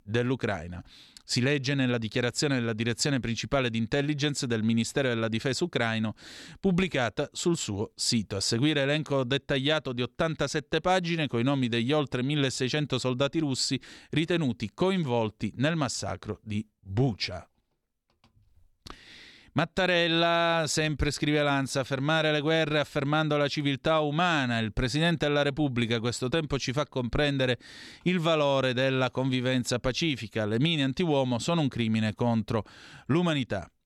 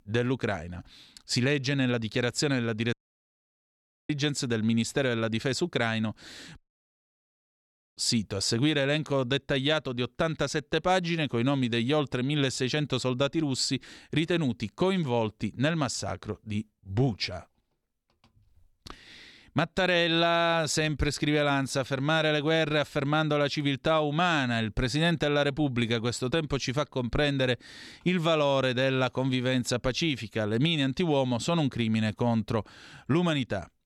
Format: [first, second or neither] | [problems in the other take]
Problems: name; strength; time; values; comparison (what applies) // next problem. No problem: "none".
first | audio cutting out; at 3 s for 1 s and at 6.5 s for 1.5 s